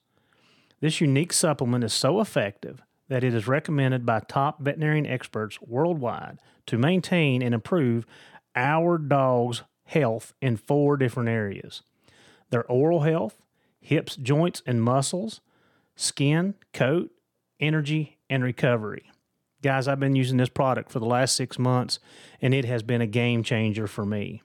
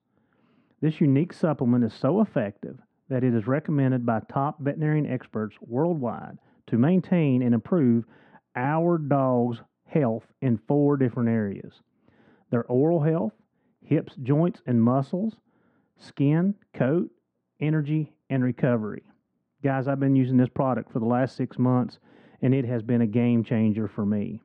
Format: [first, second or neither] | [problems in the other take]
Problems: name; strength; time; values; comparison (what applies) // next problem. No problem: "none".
first | muffled; very; fading above 1.5 kHz